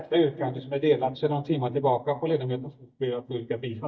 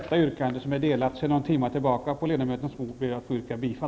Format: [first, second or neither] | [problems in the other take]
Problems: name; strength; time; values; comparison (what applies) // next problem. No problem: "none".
second | noise reduction (neural mask model DeepFilterNet 3)